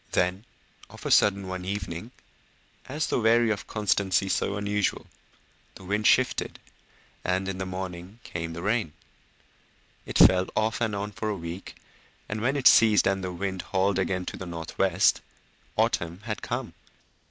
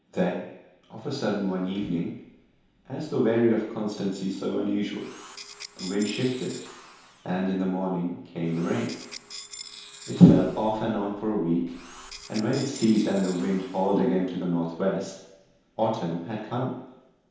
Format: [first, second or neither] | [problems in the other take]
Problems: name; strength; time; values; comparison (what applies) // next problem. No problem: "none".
first | background sound (Tools); 18 dB below the speech // room echo; dies away in 0.8 s